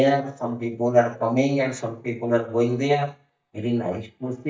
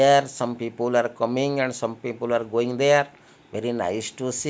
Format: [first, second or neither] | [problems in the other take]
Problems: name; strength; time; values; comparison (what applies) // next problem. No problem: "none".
second | noise reduction (neural mask model DeepFilterNet 3)